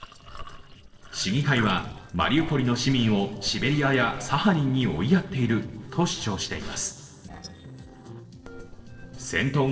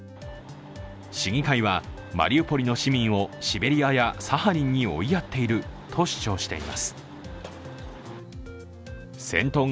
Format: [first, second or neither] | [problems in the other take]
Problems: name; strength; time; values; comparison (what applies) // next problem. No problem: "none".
second | noise reduction (neural separator model SepFormer DNS4)